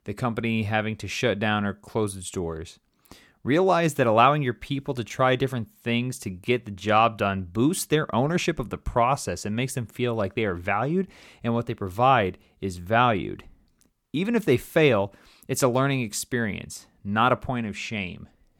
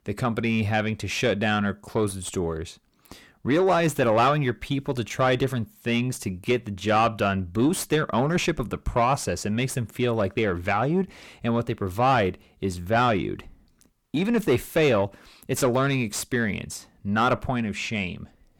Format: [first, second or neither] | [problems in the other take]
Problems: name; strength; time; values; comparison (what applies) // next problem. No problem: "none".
first | distortion; slight; 10 dB below the speech